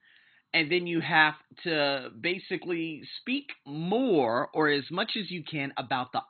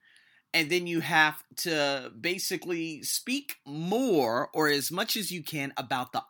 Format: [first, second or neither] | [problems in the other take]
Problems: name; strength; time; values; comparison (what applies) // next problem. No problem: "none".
second | garbled, watery; badly; nothing above 4 kHz